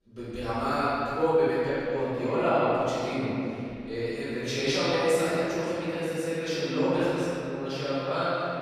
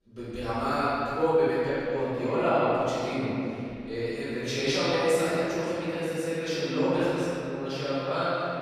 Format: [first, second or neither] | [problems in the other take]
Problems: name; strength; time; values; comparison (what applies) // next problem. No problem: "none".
neither | off-mic speech; far; the same in both // room echo; strong; dies away in 2.8 s; the same in both